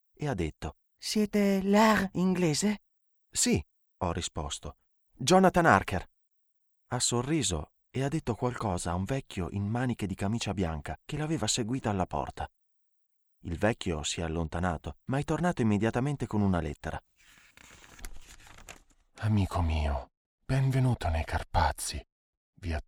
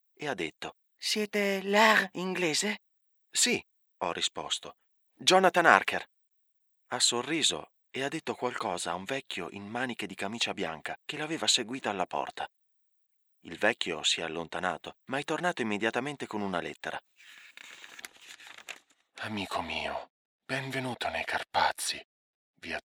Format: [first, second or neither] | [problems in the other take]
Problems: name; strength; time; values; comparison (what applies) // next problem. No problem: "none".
first | thin; somewhat; fading below 300 Hz